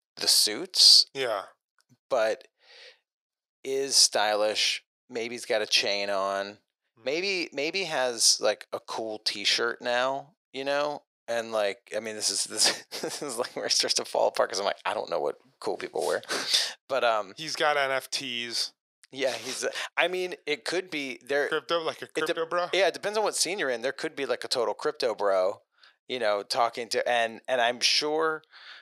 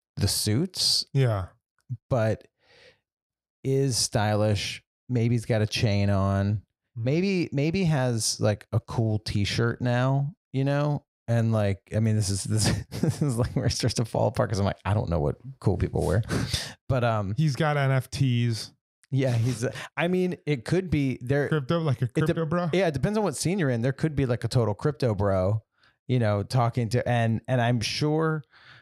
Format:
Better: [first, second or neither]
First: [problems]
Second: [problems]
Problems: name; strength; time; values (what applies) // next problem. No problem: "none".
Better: second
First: thin; very; fading below 450 Hz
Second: none